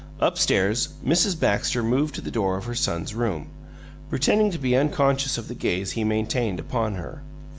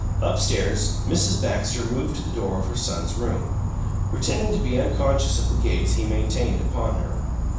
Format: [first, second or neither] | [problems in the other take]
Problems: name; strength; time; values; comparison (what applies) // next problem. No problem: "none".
first | background sound (Insect); 4 dB above the speech // room echo; dies away in 0.7 s